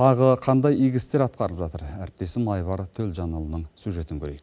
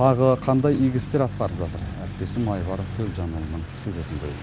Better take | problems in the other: first | background sound (Truck); 9 dB below the speech

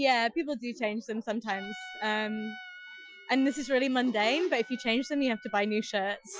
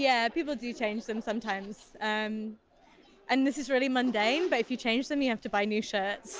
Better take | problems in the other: second | noise reduction (classical method Wiener filter)

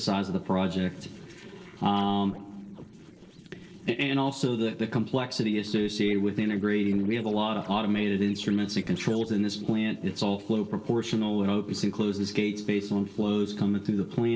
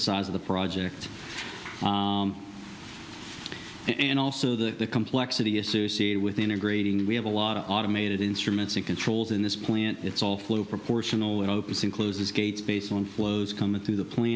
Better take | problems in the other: second | noise reduction (neural separator model SepFormer DNS4)

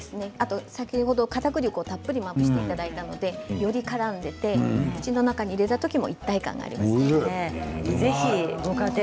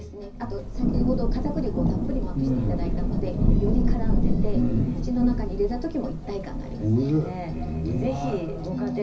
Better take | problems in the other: first | background sound (Thunder / Rain); 3 dB above the speech // room echo; dies away in 0.4 s

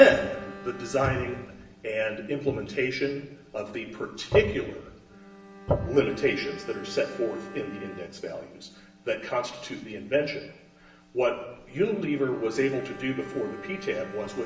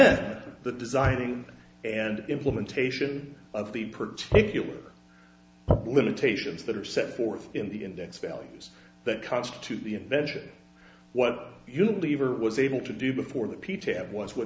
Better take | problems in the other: second | background sound (Bowed string instrument); 18 dB below the speech // room echo; dies away in 0.9 s

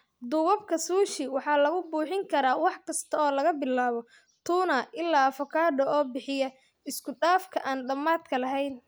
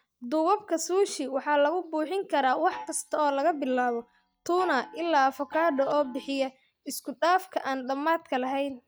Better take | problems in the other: first | noise reduction (neural mask model DeepFilterNet 3)

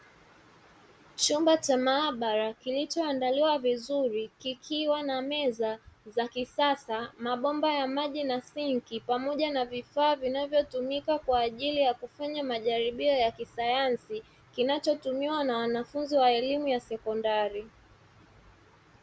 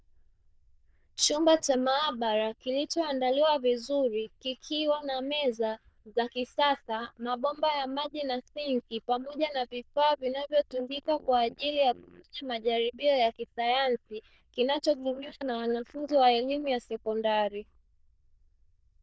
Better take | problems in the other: first | noise reduction (neural diffusion model UNIVERSE++)

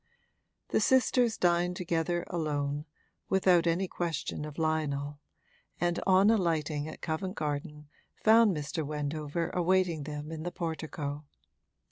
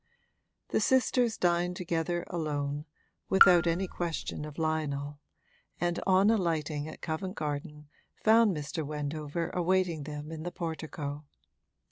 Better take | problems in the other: first | background sound (Raindrop / Drip); 1 dB below the speech

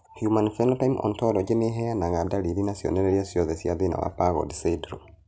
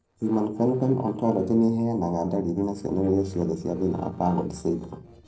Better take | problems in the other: first | noise reduction (neural separator model SepFormer DNS4)

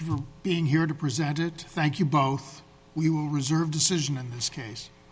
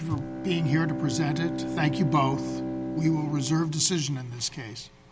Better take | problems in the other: first | background sound (Bowed string instrument); 6 dB below the speech

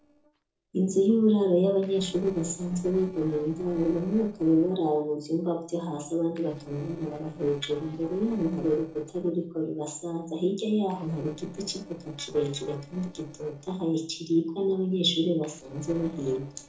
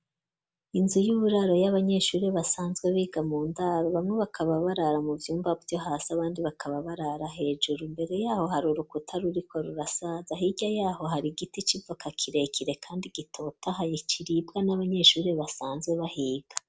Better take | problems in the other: second | noise reduction (neural separator model SepFormer DNS4)

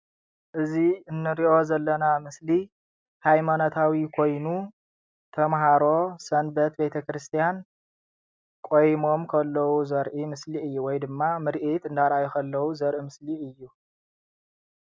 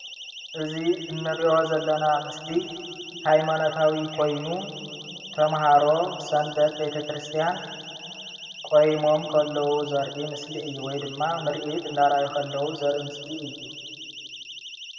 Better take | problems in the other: first | background sound (Siren); 14 dB below the speech // room echo; dies away in 2 s

